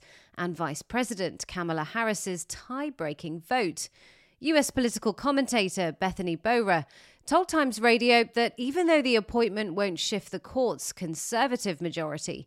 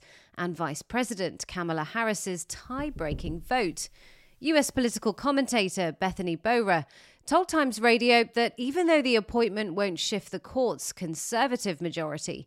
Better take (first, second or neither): first